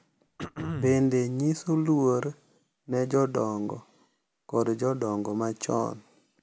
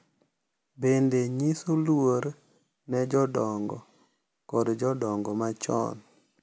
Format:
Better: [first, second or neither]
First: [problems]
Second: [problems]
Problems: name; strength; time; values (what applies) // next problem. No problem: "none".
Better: second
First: background sound (Cough); 11 dB below the speech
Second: none